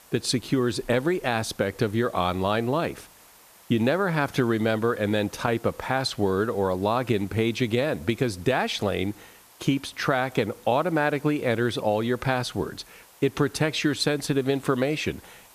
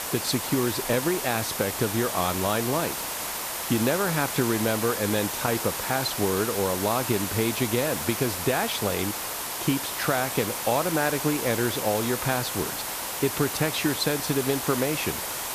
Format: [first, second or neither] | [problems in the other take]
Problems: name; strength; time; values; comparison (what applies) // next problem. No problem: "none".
first | hiss; loud; throughout; 2 dB below the speech; faint in the first